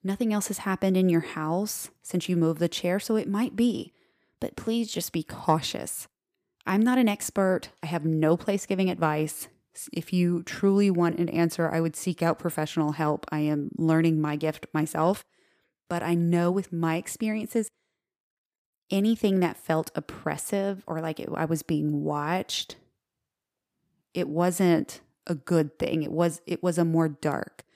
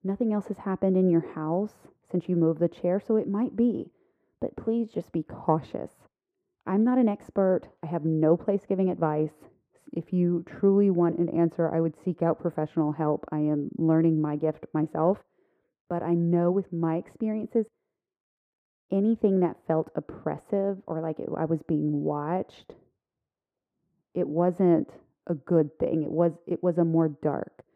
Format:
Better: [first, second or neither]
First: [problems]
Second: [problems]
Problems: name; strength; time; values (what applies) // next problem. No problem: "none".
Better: first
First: none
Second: muffled; very; fading above 2.5 kHz